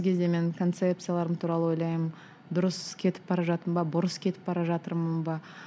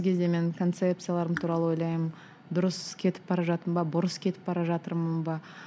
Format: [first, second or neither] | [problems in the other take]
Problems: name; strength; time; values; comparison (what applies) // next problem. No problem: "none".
first | background sound (Raindrop / Drip); 15 dB below the speech